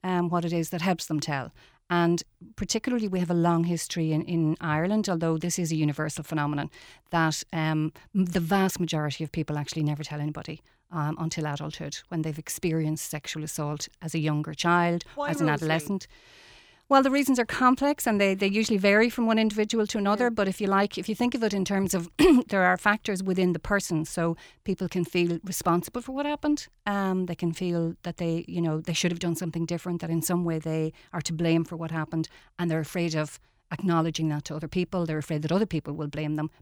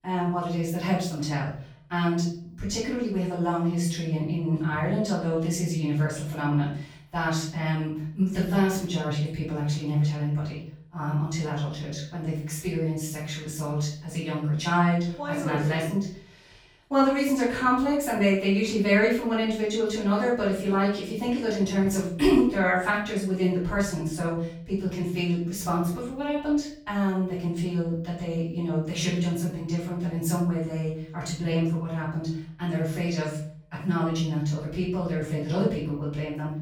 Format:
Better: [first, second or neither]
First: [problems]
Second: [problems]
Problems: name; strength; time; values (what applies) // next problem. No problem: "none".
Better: first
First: none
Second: off-mic speech; far // room echo; noticeable; dies away in 0.5 s